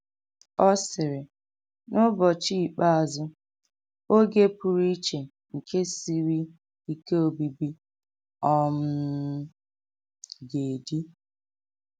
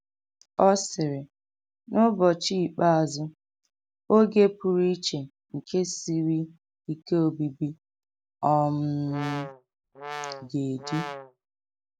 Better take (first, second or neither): first